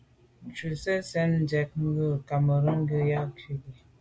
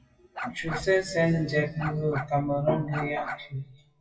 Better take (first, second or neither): first